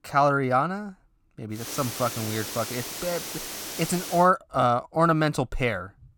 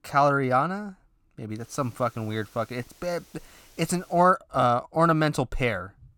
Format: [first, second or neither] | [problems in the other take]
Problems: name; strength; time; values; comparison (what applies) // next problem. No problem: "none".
second | hiss; loud; from 1.5 to 4 s; 8 dB below the speech; faint in the second